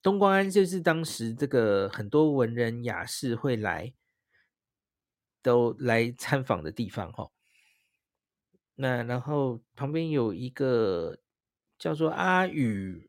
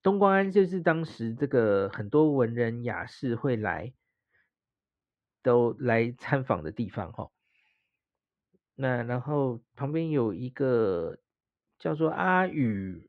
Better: first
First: none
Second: muffled; slightly; fading above 2 kHz

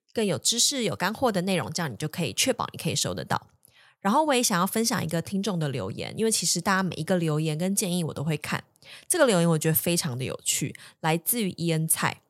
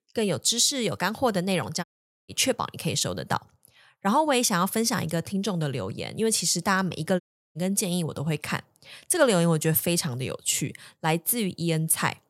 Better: first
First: none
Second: audio cutting out; at 2 s and at 7 s

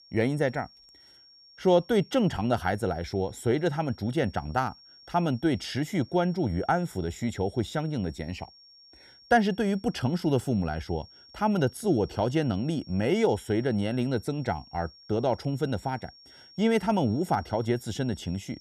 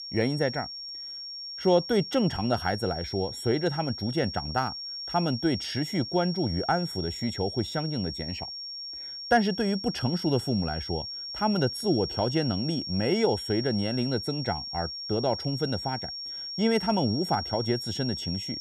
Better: first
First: high-pitched whine; faint; throughout; 5.5 kHz, 25 dB below the speech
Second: high-pitched whine; loud; throughout; 5.5 kHz, 6 dB below the speech

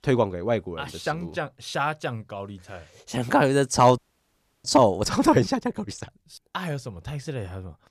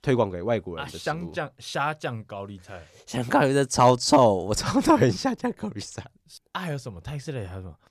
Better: second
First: audio freezing; at 4 s for 0.5 s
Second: none

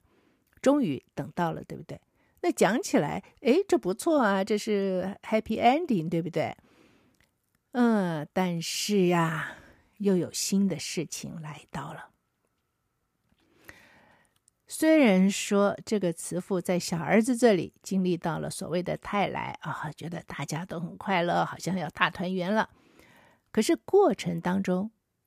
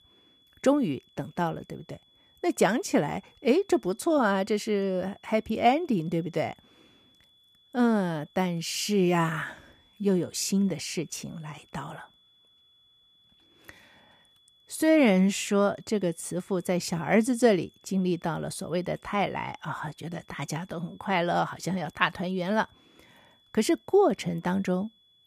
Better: first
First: none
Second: high-pitched whine; faint; throughout; 3.5 kHz, 35 dB below the speech

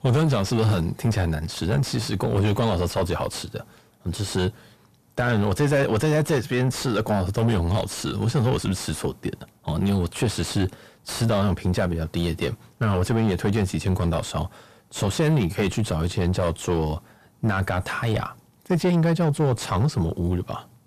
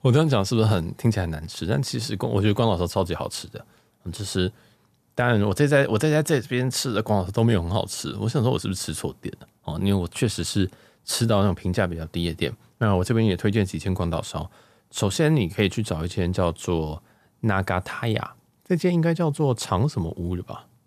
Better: second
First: distortion; heavy; 7 dB below the speech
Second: none

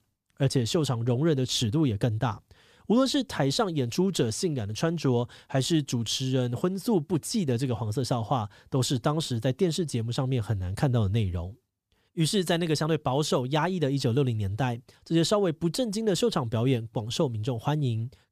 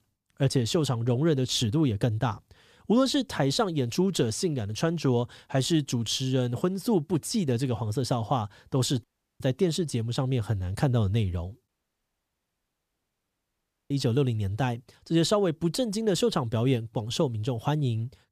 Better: first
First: none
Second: audio cutting out; at 9 s and at 12 s for 2 s

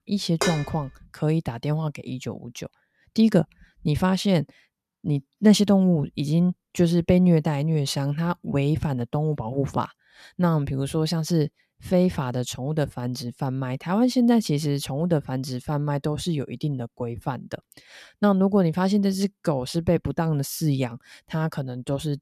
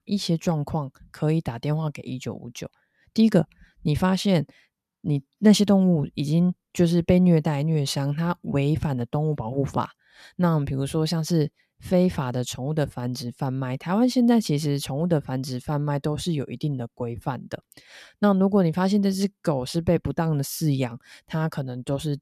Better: second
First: clattering dishes; noticeable; at 0.5 s; peak 3 dB below the speech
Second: none

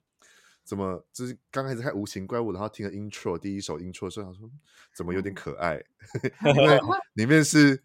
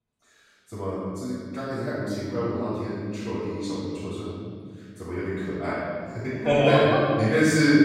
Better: first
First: none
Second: room echo; strong; dies away in 2 s // off-mic speech; far

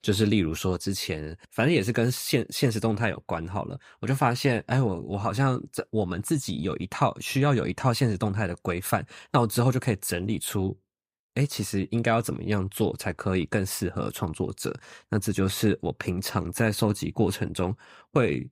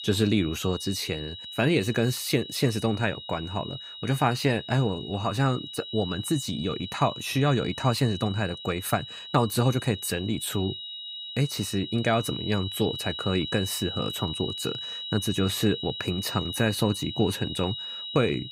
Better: first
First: none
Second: high-pitched whine; loud; throughout; 4 kHz, 8 dB below the speech

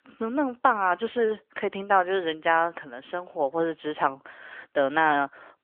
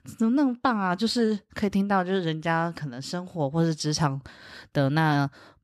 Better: second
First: phone-call audio; nothing above 3.5 kHz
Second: none

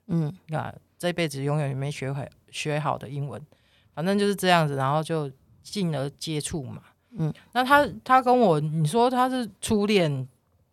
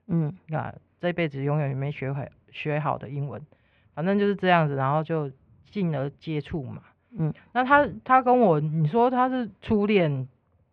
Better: first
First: none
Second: muffled; very; fading above 2.5 kHz

